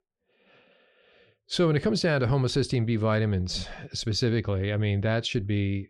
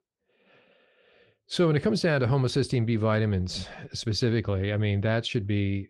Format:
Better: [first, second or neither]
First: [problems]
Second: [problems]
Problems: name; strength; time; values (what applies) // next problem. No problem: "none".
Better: first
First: none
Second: garbled, watery; slightly